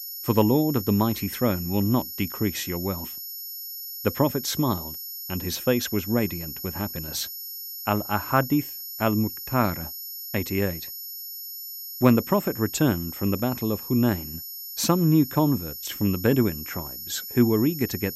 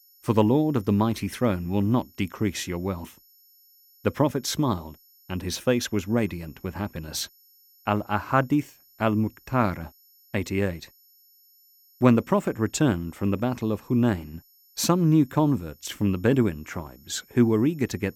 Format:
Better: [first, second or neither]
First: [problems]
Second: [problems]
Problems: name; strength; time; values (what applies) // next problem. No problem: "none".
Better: second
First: high-pitched whine; loud; throughout; 12 kHz, 8 dB below the speech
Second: high-pitched whine; faint; throughout; 12 kHz, 30 dB below the speech